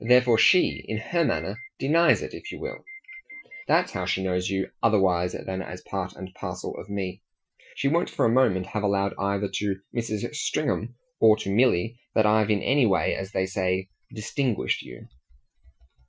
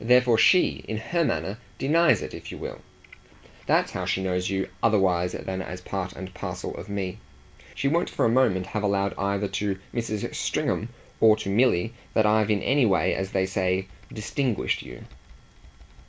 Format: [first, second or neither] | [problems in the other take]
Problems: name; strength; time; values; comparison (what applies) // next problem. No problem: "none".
second | noise reduction (classical method Wiener filter)